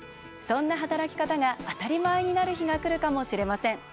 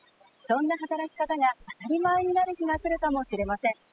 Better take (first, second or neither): first